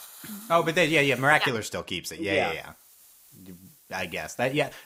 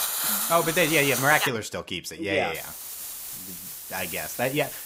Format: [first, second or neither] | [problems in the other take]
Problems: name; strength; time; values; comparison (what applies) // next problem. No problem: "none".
first | hiss; loud; until 1.5 s and from 2.5 s on; 5 dB below the speech; faint in the first